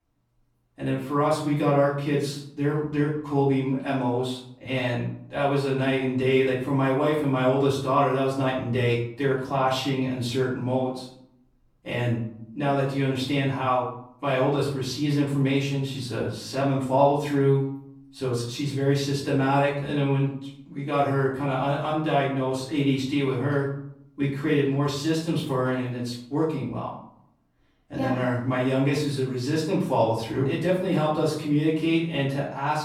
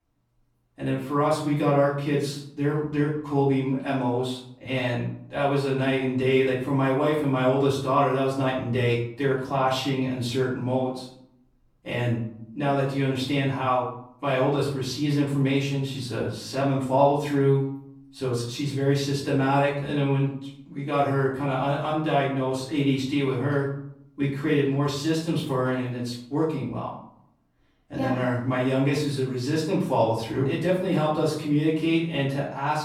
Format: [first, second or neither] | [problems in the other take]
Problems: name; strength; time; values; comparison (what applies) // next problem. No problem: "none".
neither | off-mic speech; far; the same in both // room echo; noticeable; dies away in 0.5 s; the same in both